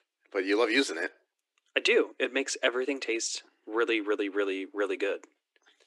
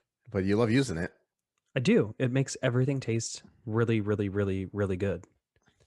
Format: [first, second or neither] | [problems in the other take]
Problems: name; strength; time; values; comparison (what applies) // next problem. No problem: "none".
second | thin; somewhat; fading below 300 Hz